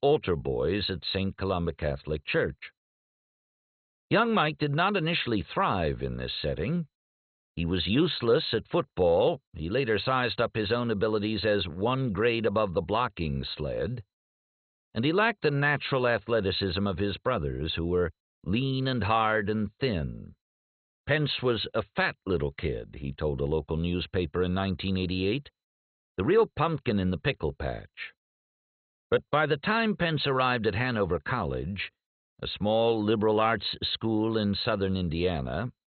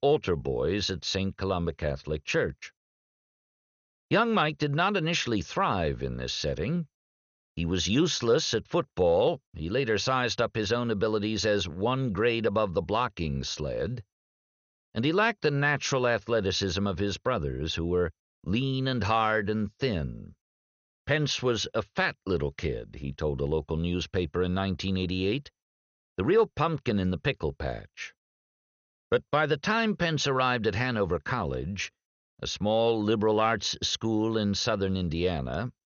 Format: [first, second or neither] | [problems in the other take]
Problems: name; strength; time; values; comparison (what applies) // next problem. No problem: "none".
second | garbled, watery; badly; nothing above 4 kHz; slightly in the second